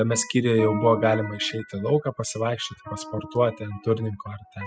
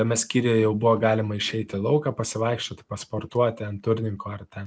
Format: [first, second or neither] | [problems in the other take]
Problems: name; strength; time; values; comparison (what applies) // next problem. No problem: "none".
second | noise reduction (classical method spectral subtraction)